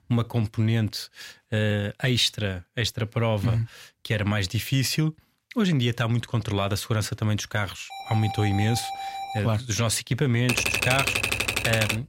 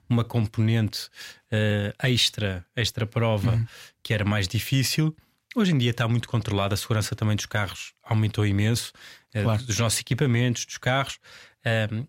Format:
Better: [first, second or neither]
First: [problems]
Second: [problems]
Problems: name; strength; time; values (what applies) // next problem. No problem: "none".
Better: second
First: alarm; noticeable; from 8 to 9.5 s; peak 7 dB below the speech // keyboard typing; loud; from 10 s on; peak 3 dB above the speech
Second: none